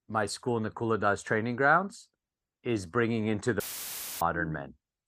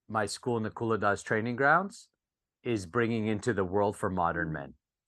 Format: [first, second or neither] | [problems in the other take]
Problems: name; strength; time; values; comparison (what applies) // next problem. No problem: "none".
second | audio cutting out; filled with static; at 3.5 s for 0.5 s